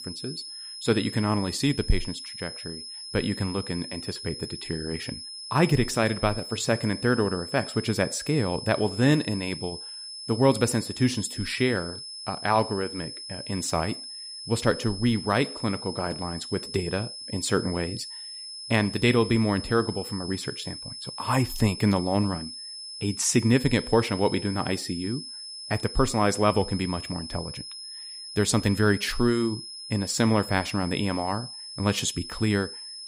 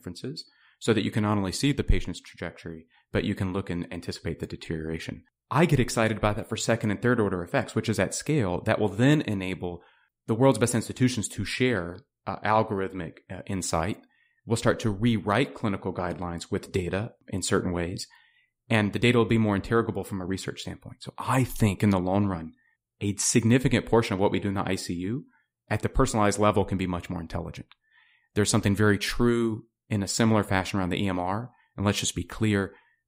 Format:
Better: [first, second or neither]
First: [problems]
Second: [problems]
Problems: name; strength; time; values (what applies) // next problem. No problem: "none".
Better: second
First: high-pitched whine; loud; throughout; 5 kHz, 10 dB below the speech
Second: none